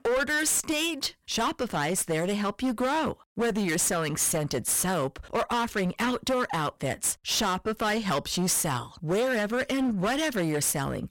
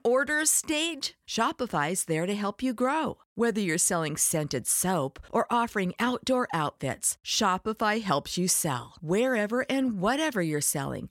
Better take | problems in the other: second | distortion; heavy; 20% of the sound clipped

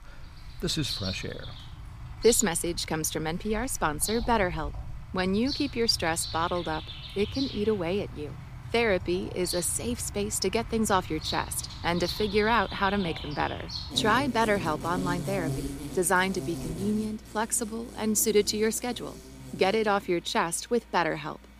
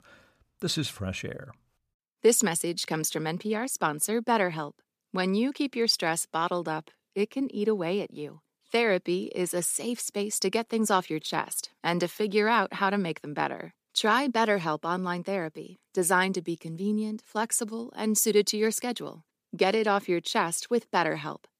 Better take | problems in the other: second | animal sounds; noticeable; throughout; 10 dB below the speech

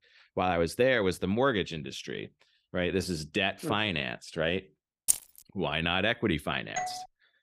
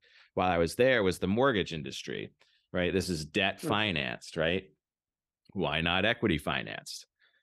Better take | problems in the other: second | jangling keys; loud; at 5 s; peak 2 dB above the speech // doorbell; noticeable; at 7 s; peak 6 dB below the speech

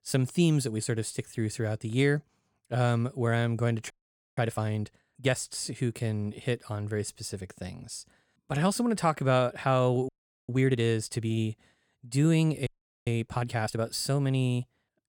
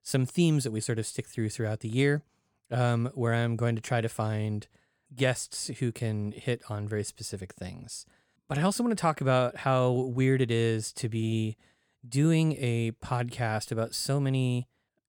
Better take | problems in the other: second | audio freezing; at 4 s, at 10 s and at 13 s

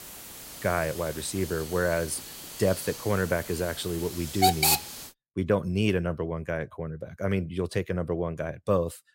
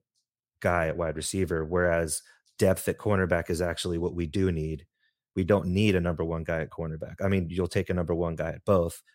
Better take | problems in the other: second | hiss; loud; until 5 s; 2 dB below the speech

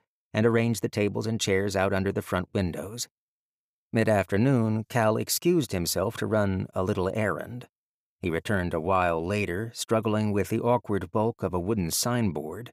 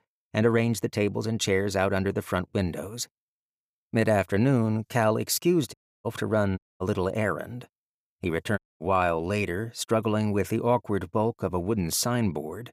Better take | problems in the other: first | audio cutting out; at 5.5 s, at 6.5 s and at 8.5 s

